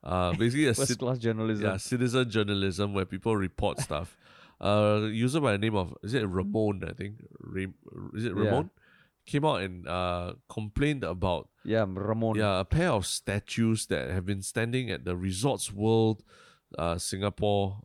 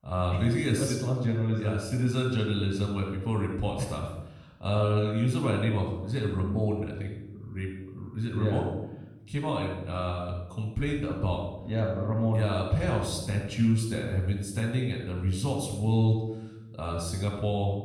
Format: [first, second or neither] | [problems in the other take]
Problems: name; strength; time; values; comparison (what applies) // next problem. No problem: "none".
first | off-mic speech; somewhat distant // room echo; noticeable; dies away in 0.8 s